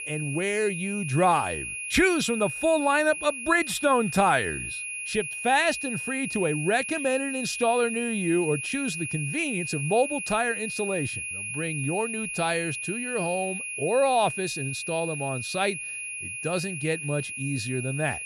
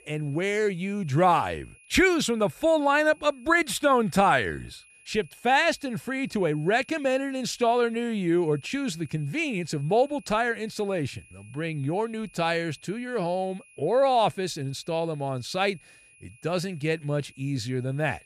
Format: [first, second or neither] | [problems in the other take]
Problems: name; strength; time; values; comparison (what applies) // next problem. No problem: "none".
second | high-pitched whine; loud; throughout; 2.5 kHz, 5 dB below the speech; faint in the second